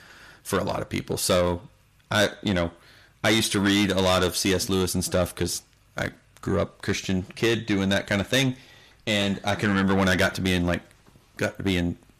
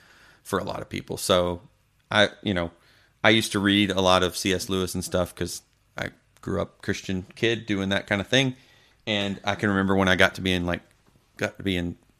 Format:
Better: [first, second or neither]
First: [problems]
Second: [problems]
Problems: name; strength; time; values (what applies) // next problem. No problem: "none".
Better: second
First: distortion; heavy; 7 dB below the speech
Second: none